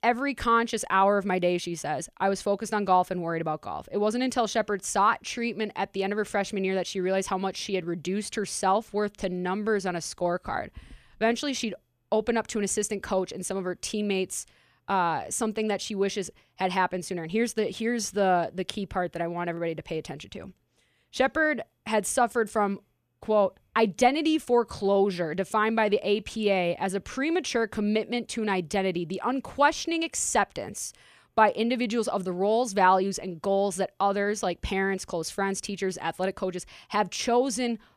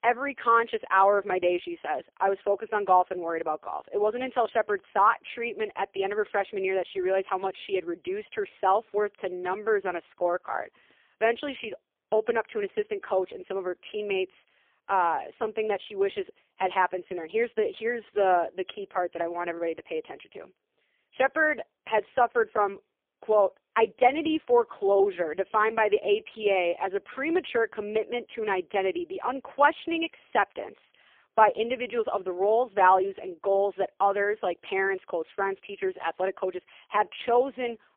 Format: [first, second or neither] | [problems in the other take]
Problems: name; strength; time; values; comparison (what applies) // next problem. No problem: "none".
first | phone-call audio; poor line; nothing above 3 kHz